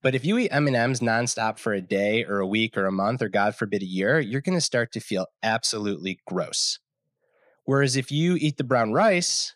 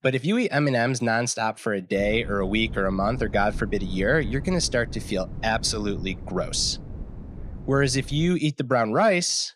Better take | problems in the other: first | wind noise on the microphone; occasional gusts; from 2 to 8.5 s; 20 dB below the speech

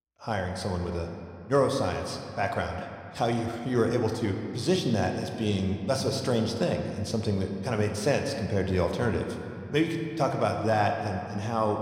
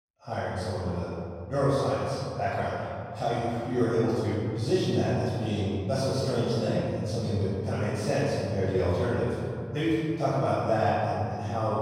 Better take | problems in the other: first | room echo; strong; dies away in 2.4 s; slight in the first // off-mic speech; far

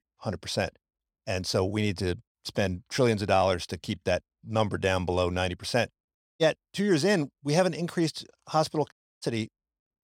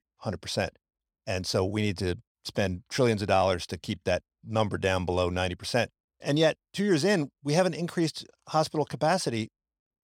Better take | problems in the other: second | audio cutting out; at 6 s and at 9 s

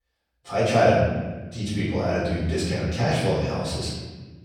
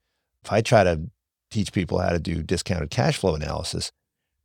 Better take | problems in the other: second | room echo; noticeable; dies away in 1.2 s // off-mic speech; far

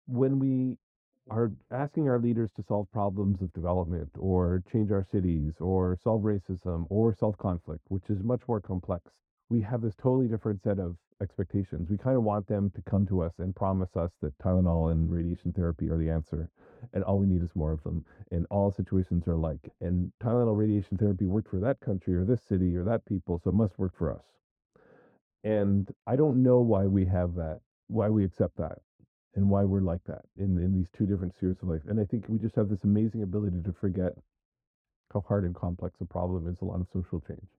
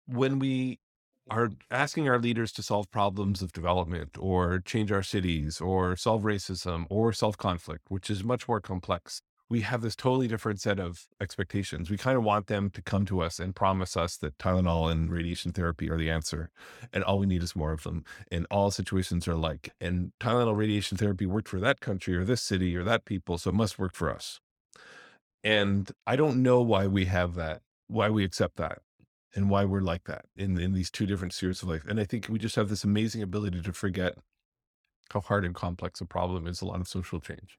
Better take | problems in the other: second | muffled; very; fading above 1.5 kHz

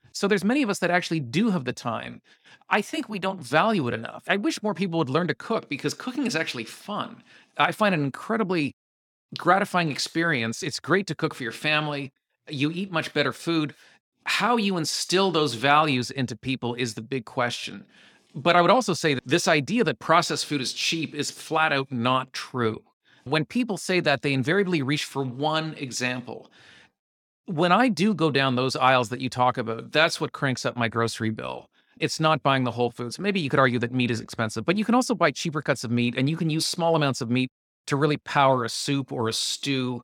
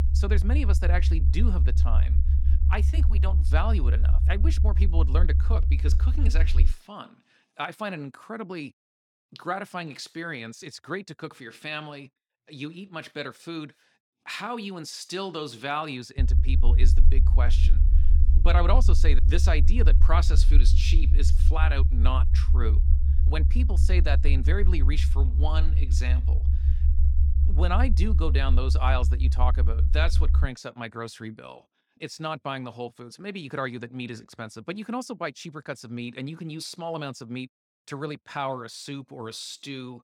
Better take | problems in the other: first | low rumble; loud; until 6.5 s and from 16 to 30 s; 9 dB below the speech

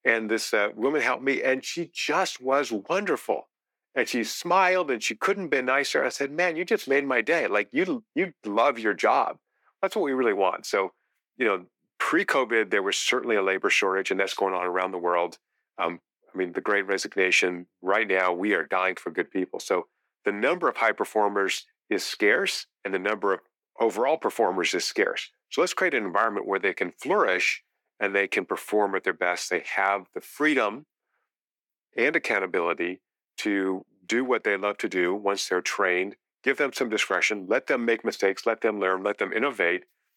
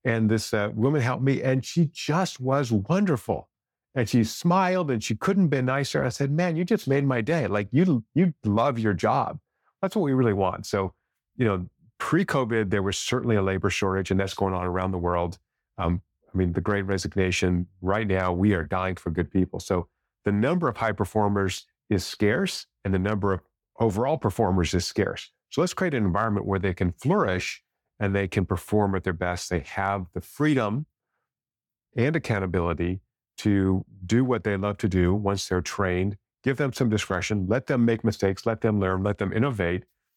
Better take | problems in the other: second | thin; somewhat; fading below 300 Hz

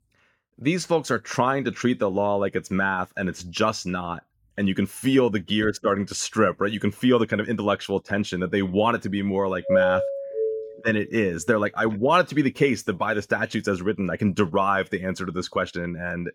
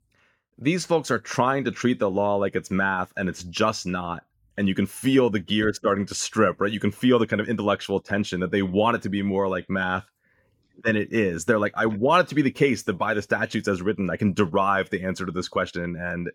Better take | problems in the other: second | doorbell; loud; from 9.5 to 11 s; peak 3 dB above the speech

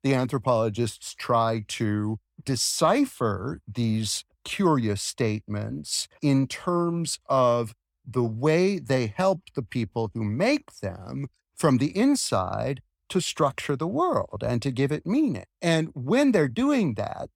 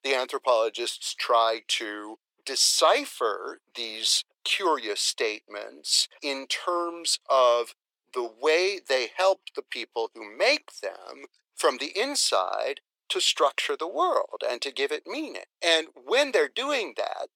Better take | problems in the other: first | thin; very; fading below 400 Hz

